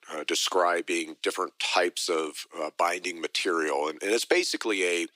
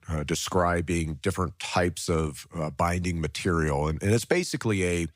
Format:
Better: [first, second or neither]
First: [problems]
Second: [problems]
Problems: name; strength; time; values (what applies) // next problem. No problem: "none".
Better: second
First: thin; very; fading below 300 Hz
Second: none